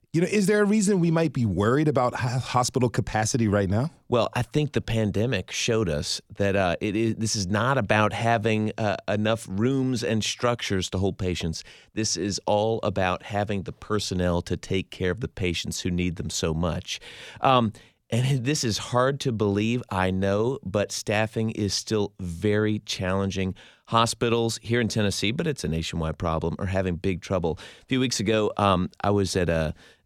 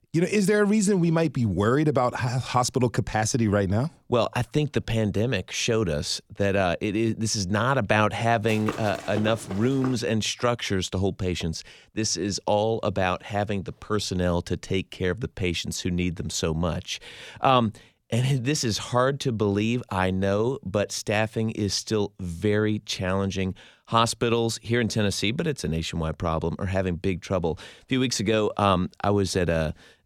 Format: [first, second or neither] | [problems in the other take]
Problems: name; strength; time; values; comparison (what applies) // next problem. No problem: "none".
first | footsteps; noticeable; from 8.5 to 10 s; peak 9 dB below the speech